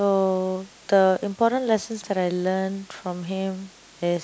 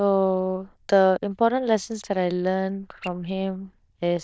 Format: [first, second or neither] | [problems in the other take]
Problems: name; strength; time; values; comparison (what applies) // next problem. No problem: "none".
first | noise reduction (neural diffusion model UNIVERSE++)